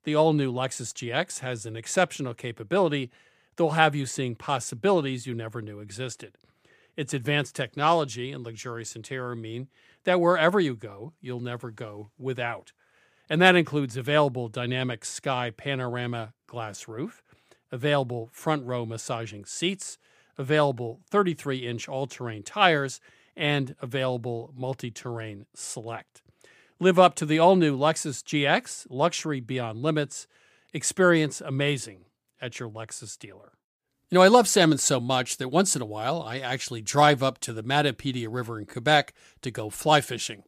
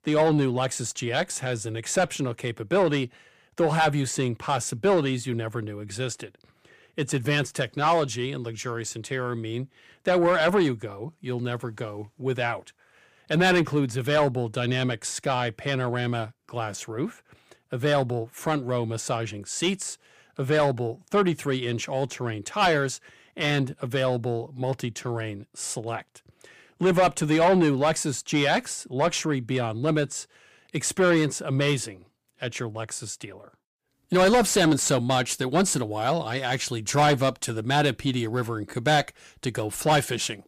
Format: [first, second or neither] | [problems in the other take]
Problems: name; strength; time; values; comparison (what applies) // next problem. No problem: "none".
first | distortion; heavy; 7 dB below the speech